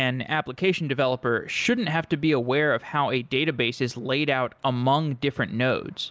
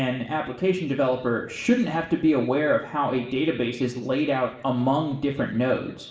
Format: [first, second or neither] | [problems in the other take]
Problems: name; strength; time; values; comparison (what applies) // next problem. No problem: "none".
first | room echo; dies away in 0.8 s